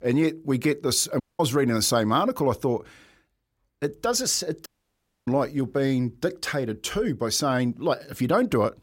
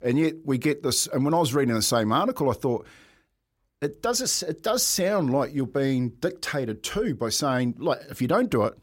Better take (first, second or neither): second